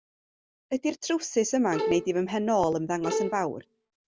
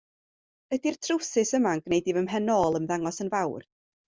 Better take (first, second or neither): second